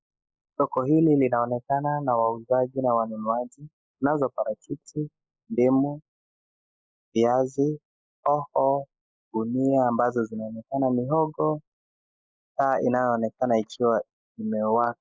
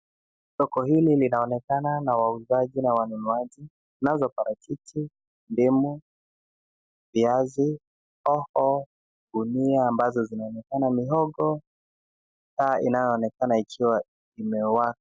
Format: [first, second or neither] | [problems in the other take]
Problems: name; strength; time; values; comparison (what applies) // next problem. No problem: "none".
second | noise reduction (neural mask model Resemble Enhance denoiser)